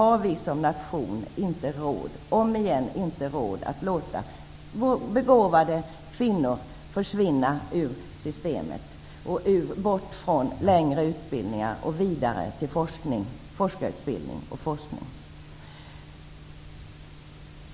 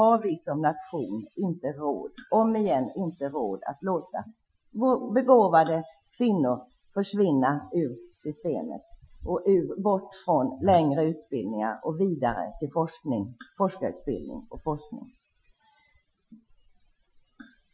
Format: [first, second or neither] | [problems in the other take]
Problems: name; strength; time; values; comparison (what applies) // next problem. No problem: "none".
first | noise reduction (classical method Wiener filter)